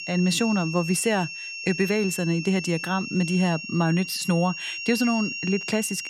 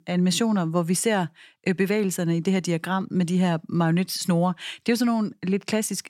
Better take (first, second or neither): second